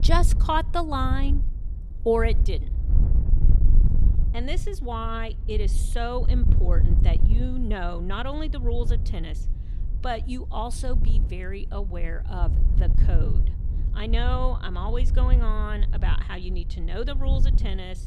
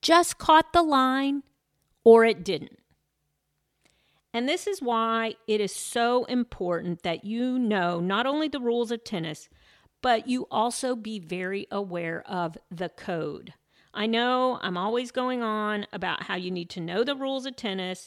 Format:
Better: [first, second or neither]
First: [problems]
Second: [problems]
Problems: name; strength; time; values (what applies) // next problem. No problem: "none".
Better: second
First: wind noise on the microphone; occasional gusts; 10 dB below the speech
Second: none